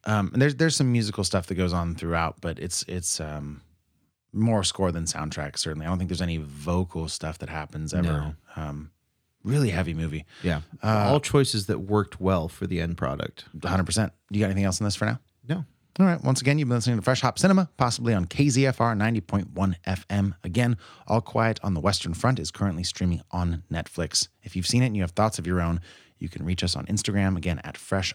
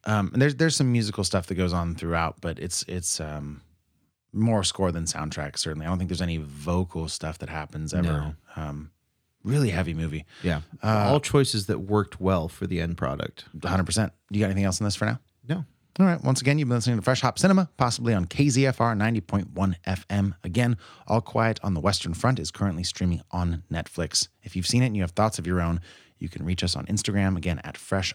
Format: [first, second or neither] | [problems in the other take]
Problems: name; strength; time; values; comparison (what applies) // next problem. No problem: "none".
neither | none